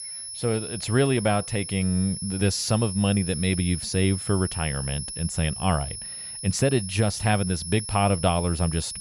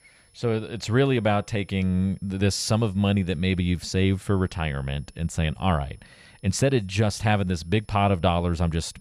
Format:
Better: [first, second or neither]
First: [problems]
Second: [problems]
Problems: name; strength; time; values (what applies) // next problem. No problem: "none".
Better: second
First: high-pitched whine; loud; throughout; 10.5 kHz, 7 dB below the speech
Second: high-pitched whine; faint; throughout; 10.5 kHz, 35 dB below the speech